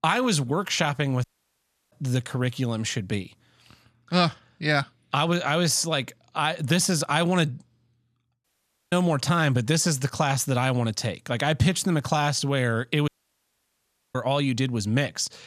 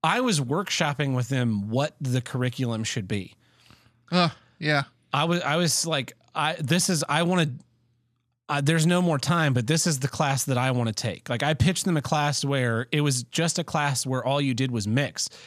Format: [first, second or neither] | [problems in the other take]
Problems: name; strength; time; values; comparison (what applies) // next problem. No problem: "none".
second | audio cutting out; at 1 s for 0.5 s, at 8.5 s and at 13 s for 1 s